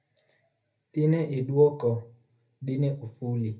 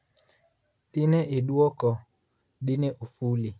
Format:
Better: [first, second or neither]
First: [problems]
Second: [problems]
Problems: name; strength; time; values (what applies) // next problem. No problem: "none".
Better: second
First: room echo; dies away in 0.3 s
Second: none